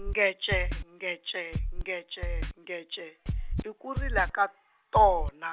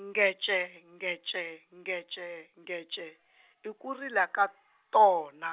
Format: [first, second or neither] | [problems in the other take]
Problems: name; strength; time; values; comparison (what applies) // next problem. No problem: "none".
second | background sound (Scratching (performance technique)); 4 dB below the speech